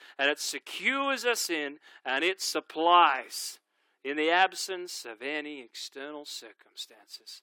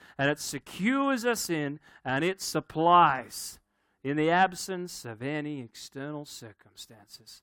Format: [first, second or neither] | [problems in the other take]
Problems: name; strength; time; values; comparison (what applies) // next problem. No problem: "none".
second | thin; somewhat; fading below 350 Hz